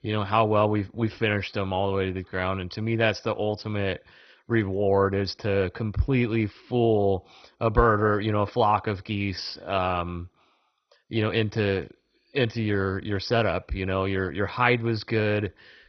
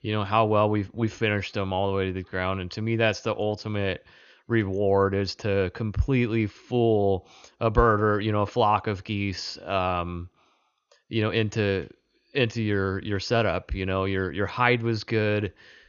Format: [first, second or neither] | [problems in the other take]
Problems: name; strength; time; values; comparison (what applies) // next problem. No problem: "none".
second | garbled, watery; badly; nothing above 5.5 kHz; slightly in the second